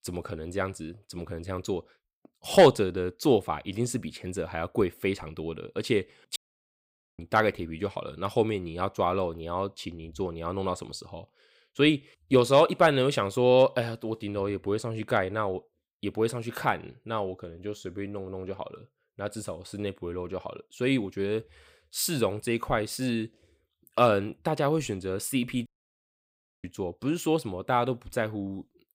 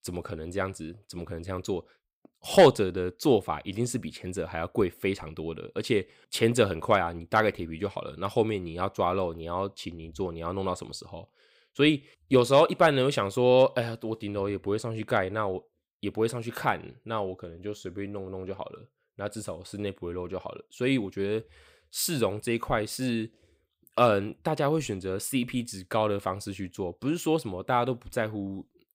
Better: second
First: audio cutting out; at 6.5 s for 1 s and at 26 s for 1 s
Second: none

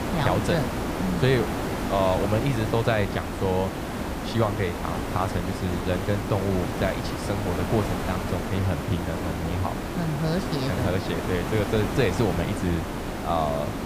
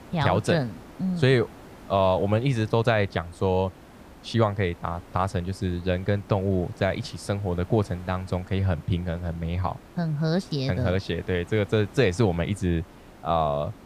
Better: second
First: hiss; loud; throughout; 3 dB below the speech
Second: hiss; faint; throughout; 20 dB below the speech

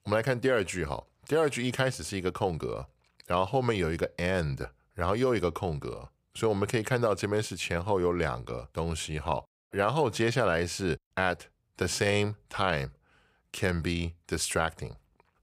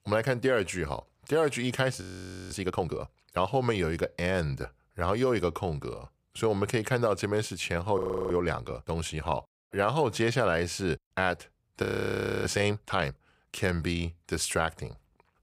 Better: first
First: none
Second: audio freezing; at 2 s, at 8 s and at 12 s for 0.5 s

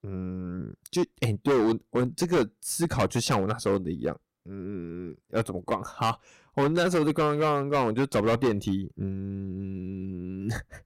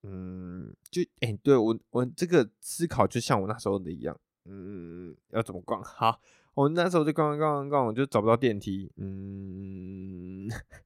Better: second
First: distortion; heavy; 8% of the sound clipped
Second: none

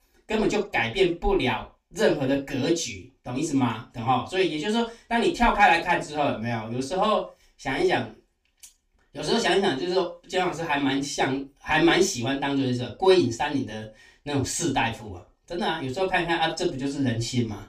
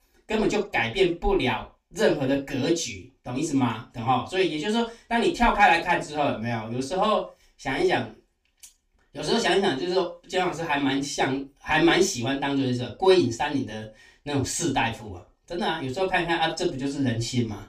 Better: neither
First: room echo; slight; dies away in 0.2 s // off-mic speech; far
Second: room echo; slight; dies away in 0.2 s // off-mic speech; far

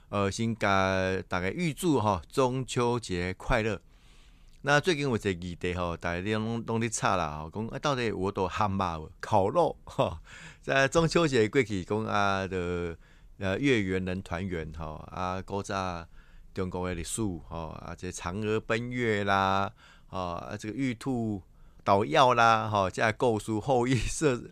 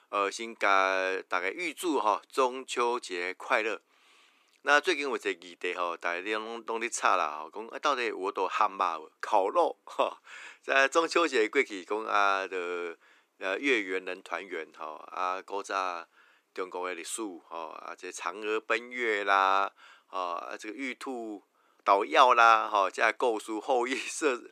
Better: first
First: none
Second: thin; somewhat; fading below 300 Hz

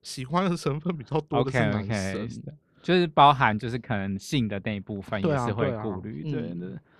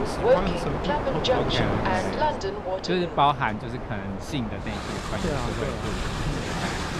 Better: first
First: none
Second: train or aircraft noise; very loud; throughout; 2 dB above the speech

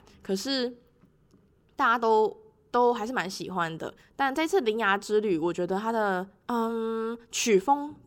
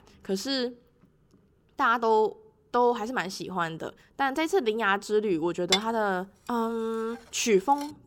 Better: first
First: none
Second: clattering dishes; loud; at 5.5 s; peak 1 dB above the speech

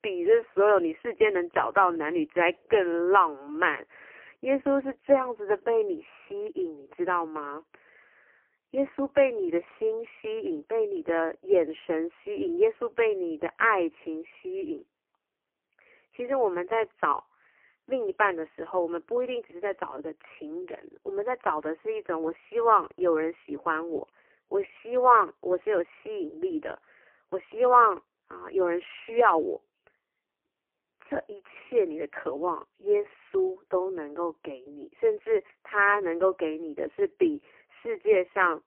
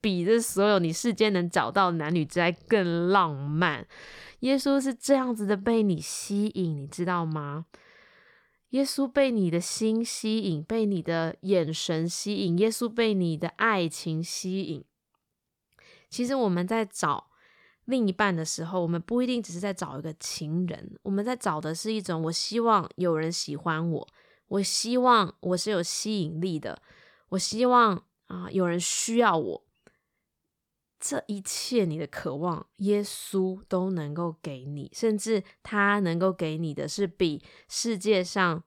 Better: second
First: phone-call audio; poor line; nothing above 3 kHz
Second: none

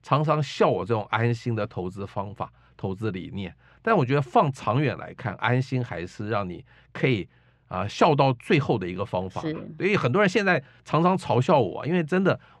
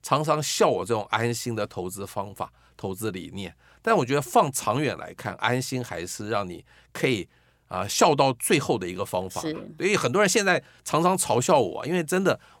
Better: second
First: muffled; slightly; fading above 2.5 kHz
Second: none

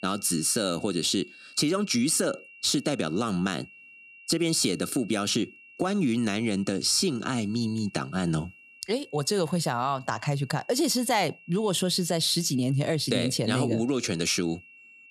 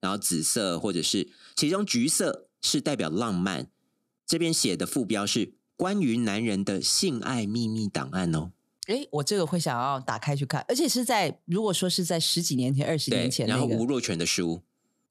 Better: second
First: high-pitched whine; faint; throughout; 2.5 kHz, 20 dB below the speech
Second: none

